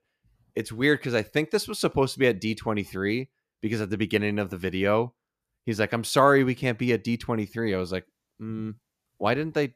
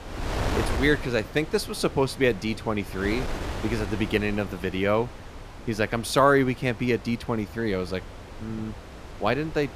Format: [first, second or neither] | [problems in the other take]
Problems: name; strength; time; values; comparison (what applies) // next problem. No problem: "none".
first | wind noise on the microphone; occasional gusts; 10 dB below the speech